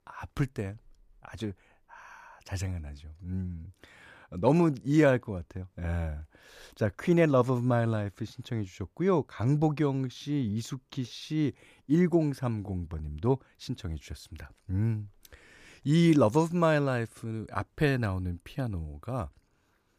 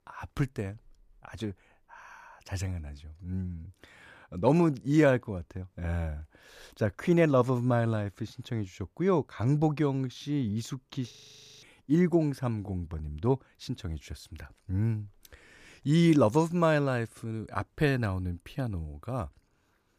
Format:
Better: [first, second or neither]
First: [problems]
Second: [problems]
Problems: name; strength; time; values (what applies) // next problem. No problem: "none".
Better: first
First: none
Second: audio freezing; at 11 s for 0.5 s